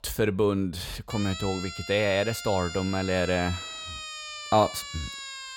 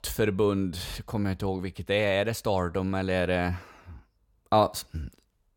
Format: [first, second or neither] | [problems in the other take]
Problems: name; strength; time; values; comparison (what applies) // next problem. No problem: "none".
second | siren; noticeable; from 1 s on; peak 8 dB below the speech